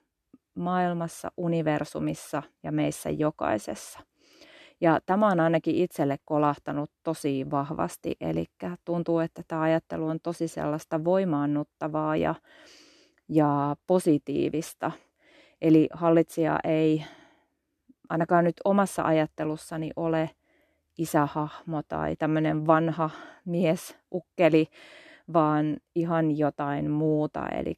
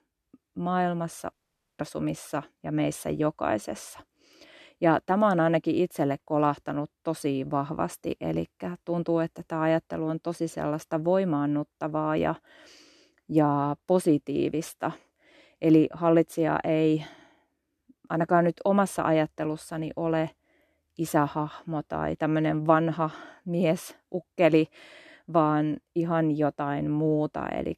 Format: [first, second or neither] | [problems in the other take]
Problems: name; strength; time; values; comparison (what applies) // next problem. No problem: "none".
first | audio cutting out; at 1.5 s